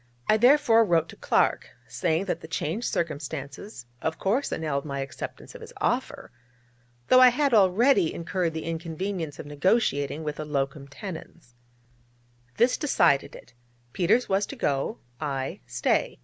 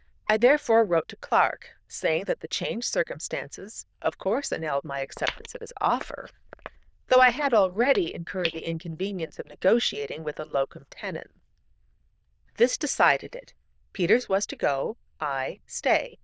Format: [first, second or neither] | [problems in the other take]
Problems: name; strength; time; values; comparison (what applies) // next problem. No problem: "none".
first | noise reduction (neural diffusion model UNIVERSE++)